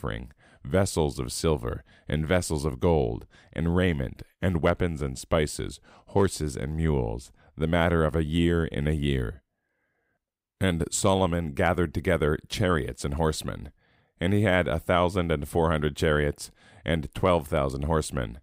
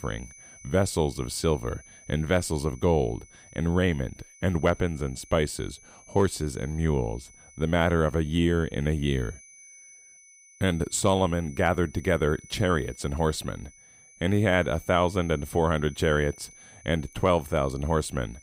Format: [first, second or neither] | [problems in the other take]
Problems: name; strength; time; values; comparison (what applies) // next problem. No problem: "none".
first | high-pitched whine; faint; throughout; 6 kHz, 25 dB below the speech